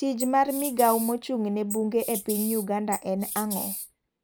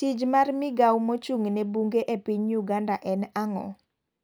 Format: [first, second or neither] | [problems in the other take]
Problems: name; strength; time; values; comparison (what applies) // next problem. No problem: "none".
second | background sound (Wild animals); 9 dB below the speech